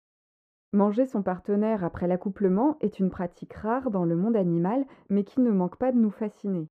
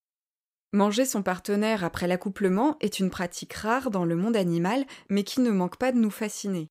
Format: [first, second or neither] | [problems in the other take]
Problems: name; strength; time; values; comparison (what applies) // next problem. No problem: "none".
second | muffled; very; fading above 2 kHz